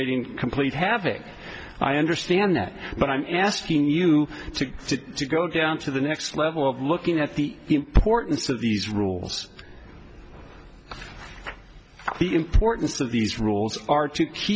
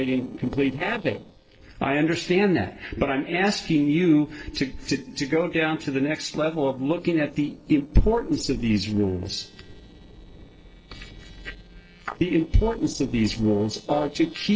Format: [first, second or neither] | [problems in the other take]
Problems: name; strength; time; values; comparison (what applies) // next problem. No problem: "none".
first | noise reduction (neural separator model SepFormer DNS4)